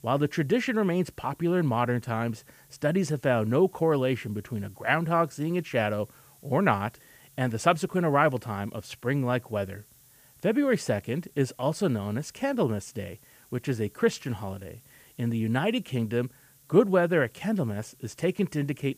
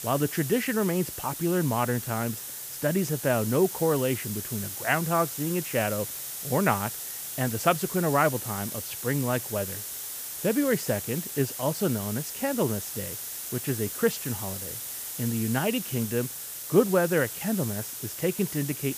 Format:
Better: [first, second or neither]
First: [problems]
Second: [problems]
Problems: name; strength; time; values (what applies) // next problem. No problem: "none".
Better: first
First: hiss; faint; throughout; 30 dB below the speech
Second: hiss; loud; throughout; 6 dB below the speech